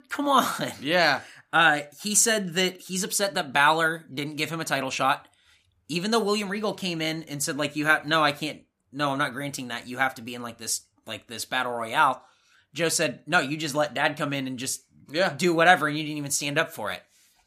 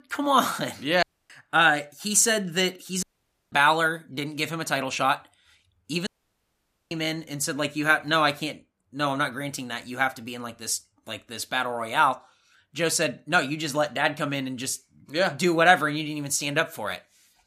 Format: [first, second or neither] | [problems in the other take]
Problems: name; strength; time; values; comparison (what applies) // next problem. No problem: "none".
first | audio cutting out; at 1 s, at 3 s and at 6 s for 1 s